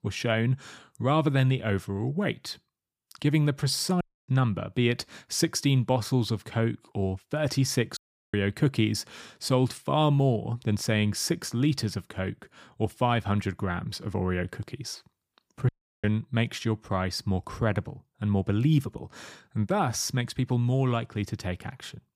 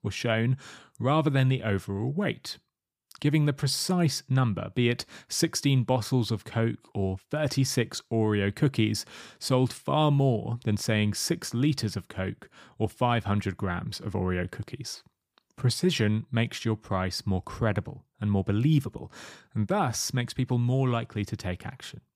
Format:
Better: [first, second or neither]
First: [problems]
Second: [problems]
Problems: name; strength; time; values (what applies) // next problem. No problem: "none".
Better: second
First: audio cutting out; at 4 s, at 8 s and at 16 s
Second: none